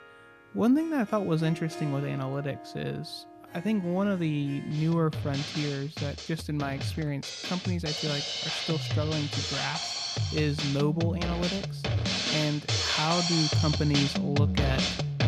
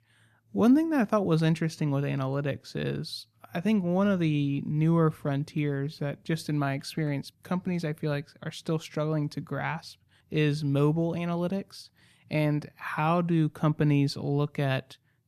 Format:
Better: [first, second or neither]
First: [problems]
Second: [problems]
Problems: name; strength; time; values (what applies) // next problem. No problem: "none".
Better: second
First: background music; very loud; throughout; as loud as the speech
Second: none